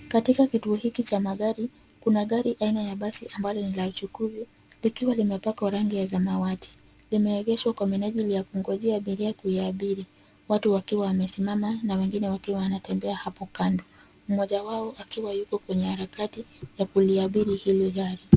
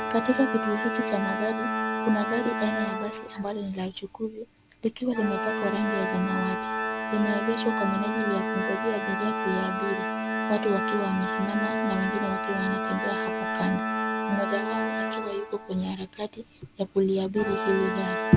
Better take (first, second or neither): first